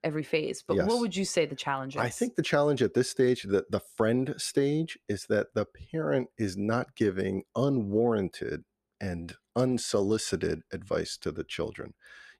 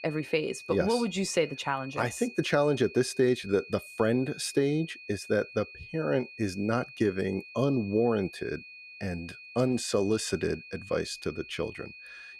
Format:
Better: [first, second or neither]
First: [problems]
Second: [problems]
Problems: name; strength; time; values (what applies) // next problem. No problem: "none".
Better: first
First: none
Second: high-pitched whine; noticeable; throughout; 2.5 kHz, 15 dB below the speech